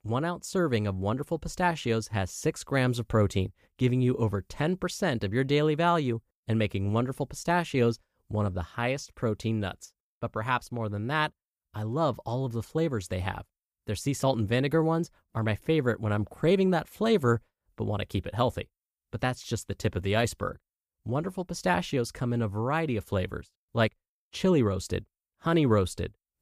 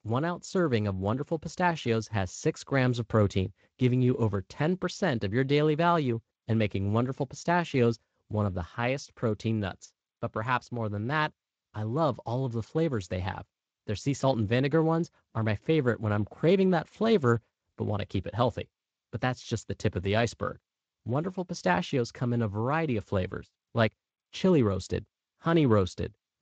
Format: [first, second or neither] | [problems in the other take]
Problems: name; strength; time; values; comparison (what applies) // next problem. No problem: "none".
first | garbled, watery; slightly; nothing above 7.5 kHz